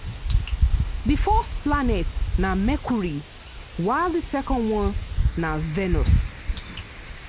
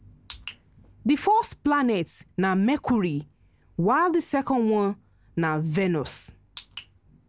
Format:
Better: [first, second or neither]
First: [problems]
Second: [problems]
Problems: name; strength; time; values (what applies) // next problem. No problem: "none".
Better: second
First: background sound (Wind); 2 dB above the speech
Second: none